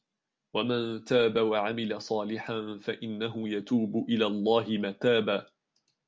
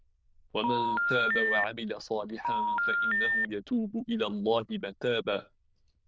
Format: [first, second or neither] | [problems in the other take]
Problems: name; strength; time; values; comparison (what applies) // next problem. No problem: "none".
first | noise reduction (neural diffusion model UNIVERSE++)